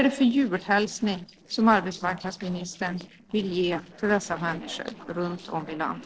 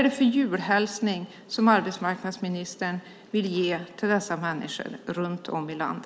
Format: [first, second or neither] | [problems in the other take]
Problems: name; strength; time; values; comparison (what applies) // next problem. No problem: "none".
second | noise reduction (neural separator model SepFormer DNS4)